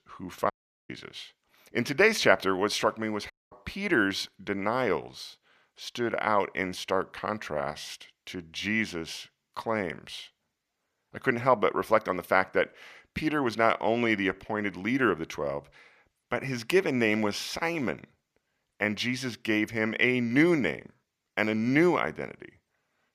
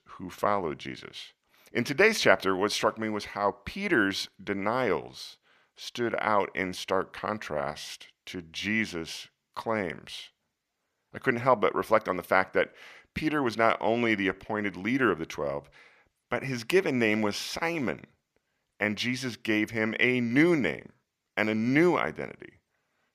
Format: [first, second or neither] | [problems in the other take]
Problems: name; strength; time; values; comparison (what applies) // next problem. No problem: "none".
second | audio cutting out; at 0.5 s and at 3.5 s